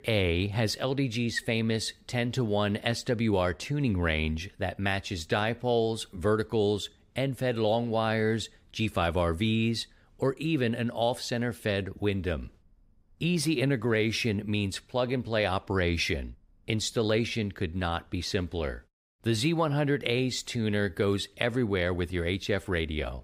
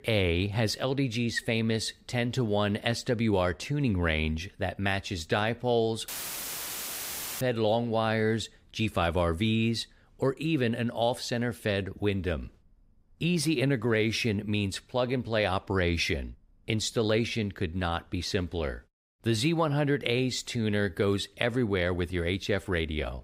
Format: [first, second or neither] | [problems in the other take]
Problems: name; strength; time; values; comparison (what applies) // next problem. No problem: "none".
first | audio cutting out; filled with static; at 6 s for 1.5 s